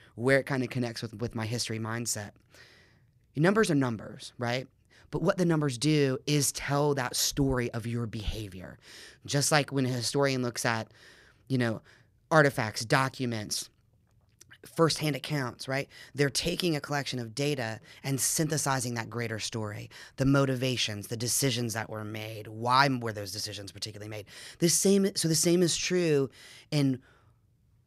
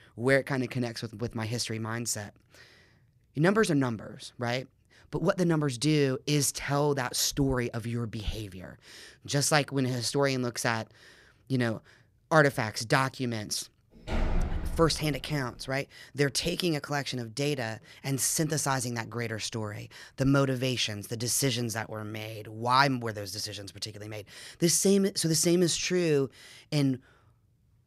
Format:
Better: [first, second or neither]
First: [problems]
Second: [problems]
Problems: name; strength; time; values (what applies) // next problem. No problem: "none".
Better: first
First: none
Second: door banging; noticeable; from 14 to 15 s; peak 3 dB below the speech